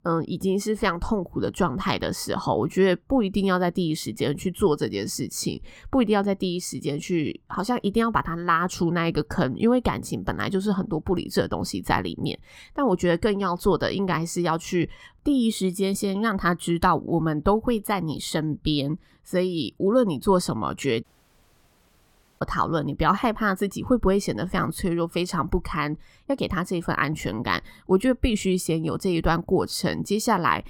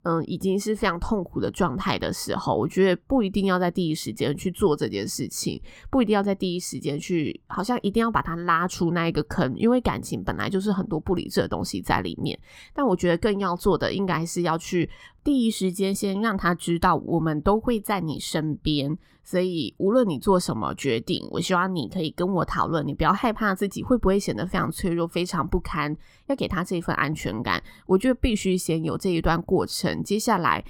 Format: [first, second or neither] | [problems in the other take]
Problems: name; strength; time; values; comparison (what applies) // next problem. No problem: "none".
second | audio cutting out; at 21 s for 1.5 s